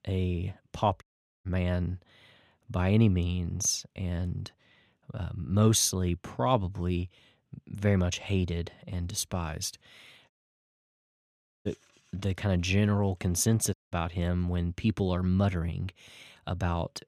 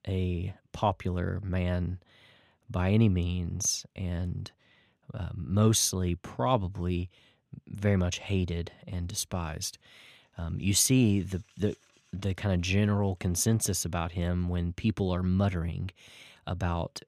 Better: second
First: audio cutting out; at 1 s, at 10 s for 1.5 s and at 14 s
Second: none

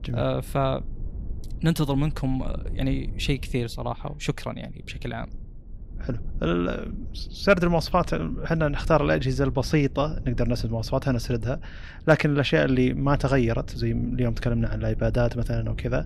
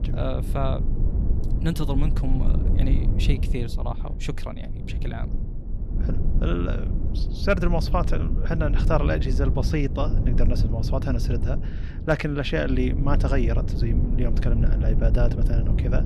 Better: first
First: low rumble; faint; throughout; 25 dB below the speech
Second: low rumble; loud; throughout; 9 dB below the speech

